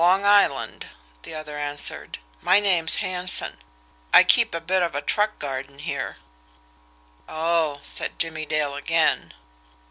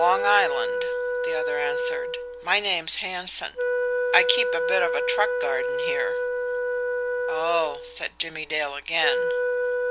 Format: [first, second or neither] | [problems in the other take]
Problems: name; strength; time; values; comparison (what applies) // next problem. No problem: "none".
first | background sound (Wind instrument, woodwind instrument); 1 dB above the speech